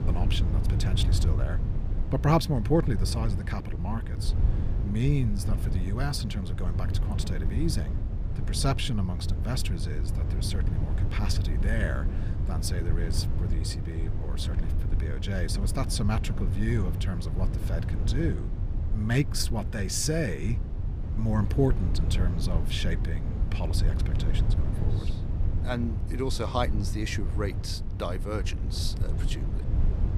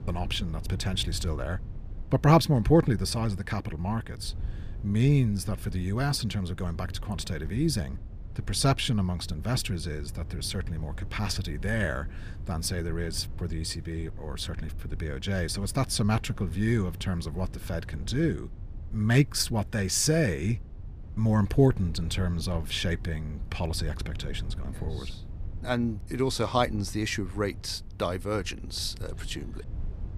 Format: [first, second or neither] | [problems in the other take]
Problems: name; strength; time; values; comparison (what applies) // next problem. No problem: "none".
second | low rumble; loud; throughout; 9 dB below the speech; faint in the second